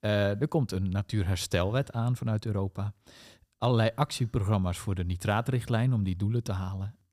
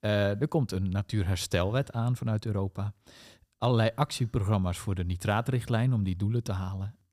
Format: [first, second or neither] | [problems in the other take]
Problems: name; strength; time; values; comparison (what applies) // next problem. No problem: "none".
neither | none